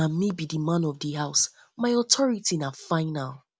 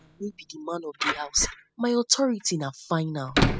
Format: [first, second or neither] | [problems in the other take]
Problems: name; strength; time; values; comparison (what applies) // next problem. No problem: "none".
first | noise reduction (classical method spectral subtraction)